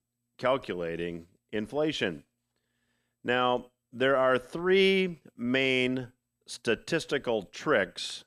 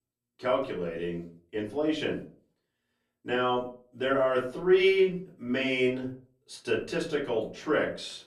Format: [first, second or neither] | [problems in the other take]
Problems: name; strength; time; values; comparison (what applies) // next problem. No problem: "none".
first | off-mic speech; far // room echo; very slight; dies away in 0.4 s